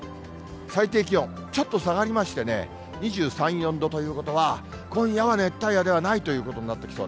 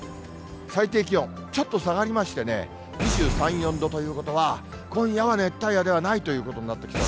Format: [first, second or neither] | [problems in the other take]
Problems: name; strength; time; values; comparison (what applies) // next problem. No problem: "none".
first | background sound (Boom); 9 dB below the speech